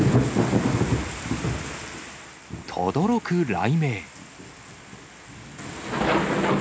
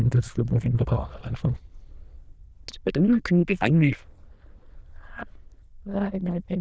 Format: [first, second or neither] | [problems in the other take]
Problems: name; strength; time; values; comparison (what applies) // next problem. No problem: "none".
first | noise reduction (neural diffusion model UNIVERSE++)